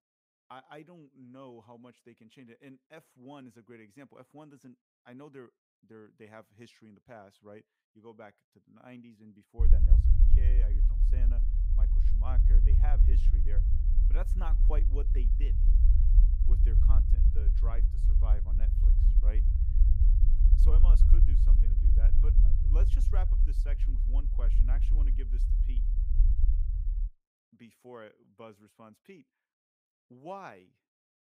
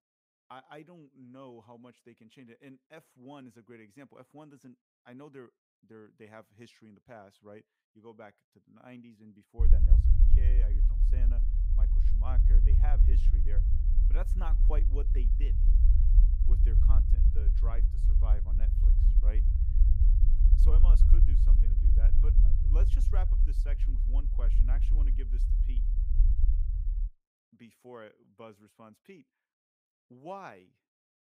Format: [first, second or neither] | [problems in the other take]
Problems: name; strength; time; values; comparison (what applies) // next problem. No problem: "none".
neither | low rumble; loud; from 9.5 to 27 s; as loud as the speech; the same in both